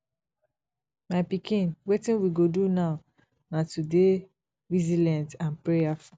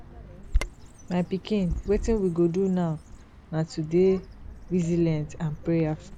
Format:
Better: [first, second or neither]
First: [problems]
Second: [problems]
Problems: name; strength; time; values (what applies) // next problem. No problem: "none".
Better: first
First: none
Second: background sound (Bird vocalization, bird call, bird song); 9 dB below the speech